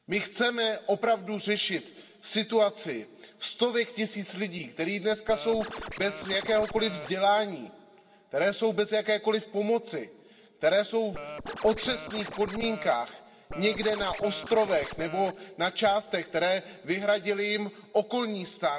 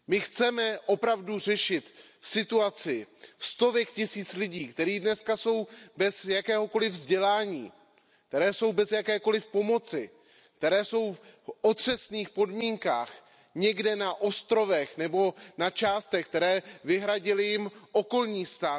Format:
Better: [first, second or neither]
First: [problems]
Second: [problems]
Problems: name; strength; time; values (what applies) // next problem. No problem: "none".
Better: second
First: background sound (Scratching (performance technique)); 10 dB below the speech // room echo; dies away in 1.6 s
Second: none